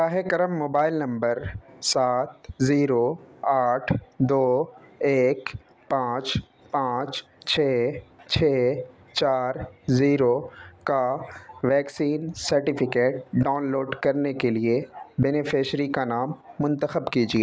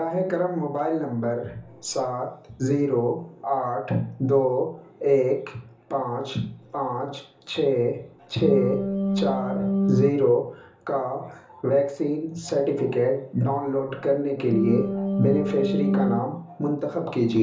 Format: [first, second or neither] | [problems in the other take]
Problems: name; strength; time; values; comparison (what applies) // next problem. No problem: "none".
first | background sound (Organ); 1 dB above the speech // room echo; dies away in 0.8 s